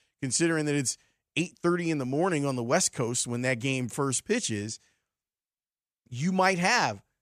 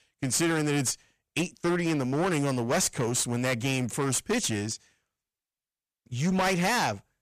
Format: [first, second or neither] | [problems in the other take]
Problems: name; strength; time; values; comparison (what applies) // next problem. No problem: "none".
first | distortion; heavy; 16% of the sound clipped